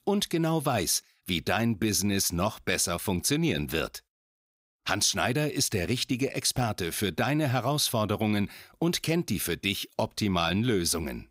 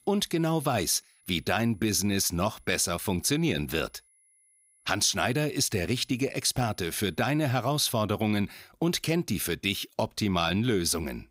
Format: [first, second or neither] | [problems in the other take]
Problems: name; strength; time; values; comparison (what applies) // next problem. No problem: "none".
first | high-pitched whine; faint; until 7.5 s; 10.5 kHz, 35 dB below the speech